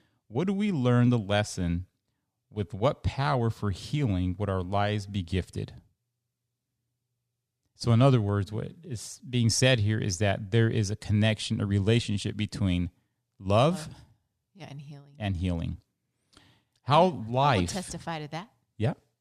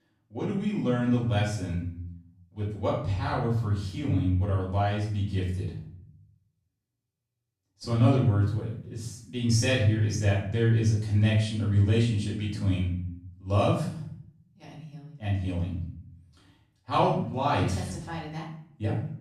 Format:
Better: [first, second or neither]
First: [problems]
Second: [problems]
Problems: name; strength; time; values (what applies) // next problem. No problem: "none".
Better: first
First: none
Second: off-mic speech; far // room echo; noticeable; dies away in 0.6 s